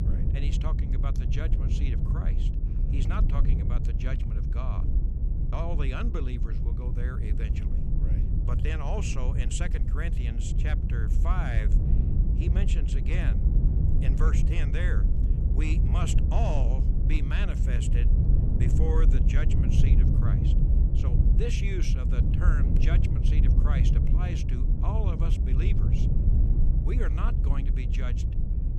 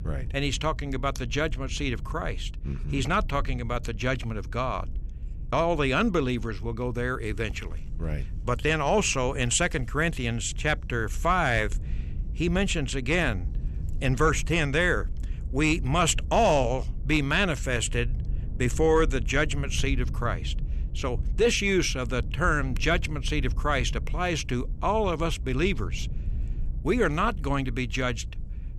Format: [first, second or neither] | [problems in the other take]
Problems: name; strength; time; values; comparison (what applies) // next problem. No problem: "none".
second | low rumble; loud; throughout; 2 dB below the speech; faint in the second